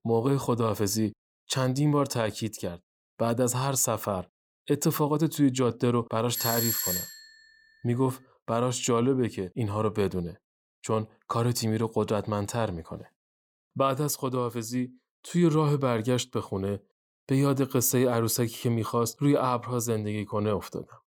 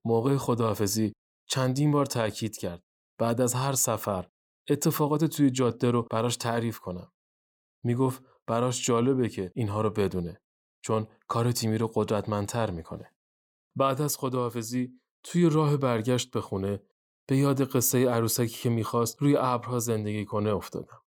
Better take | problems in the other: second | doorbell; loud; at 6.5 s; peak 2 dB above the speech

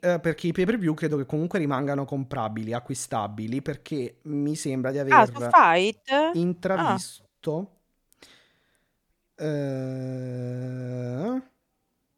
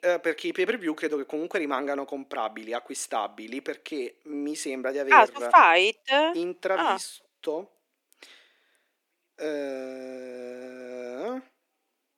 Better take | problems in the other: first | thin; somewhat; fading below 300 Hz

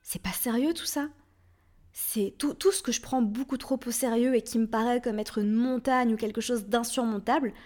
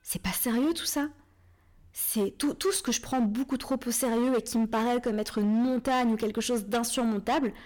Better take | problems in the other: first | distortion; slight; 12% of the sound clipped

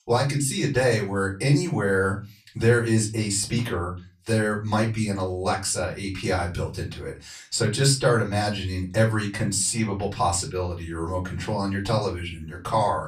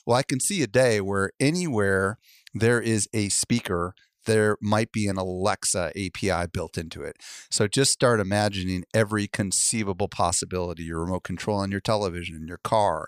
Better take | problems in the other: second | off-mic speech; far // room echo; very slight; dies away in 0.3 s

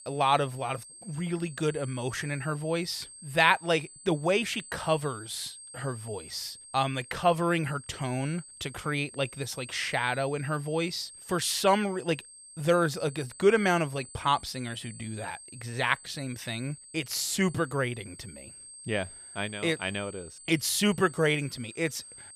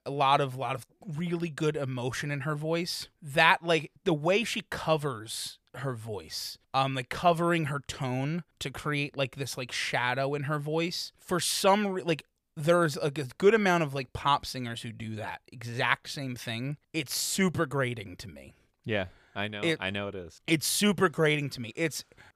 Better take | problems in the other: second | high-pitched whine; noticeable; throughout; 8.5 kHz, 15 dB below the speech

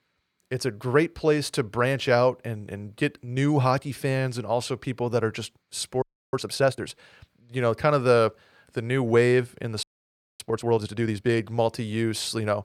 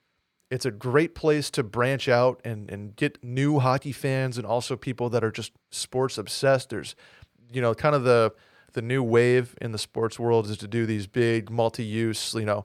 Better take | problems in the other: second | audio freezing; at 6 s and at 10 s for 0.5 s

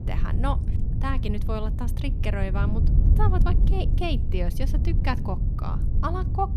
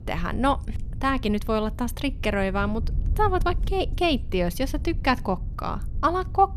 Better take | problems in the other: second | wind noise on the microphone; heavy; 8 dB below the speech; occasional gusts in the second

